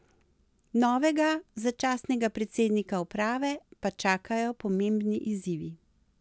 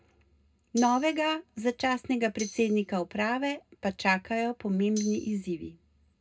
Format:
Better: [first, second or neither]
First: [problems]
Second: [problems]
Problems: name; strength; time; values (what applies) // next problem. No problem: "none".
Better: first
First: none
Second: background sound (Tambourine); 15 dB below the speech // room echo; dies away in 0.2 s